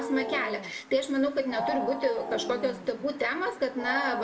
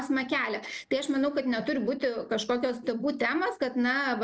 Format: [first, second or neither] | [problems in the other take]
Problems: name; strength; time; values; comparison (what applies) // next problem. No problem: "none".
second | background sound (Wild animals); 7 dB below the speech // room echo; dies away in 1.4 s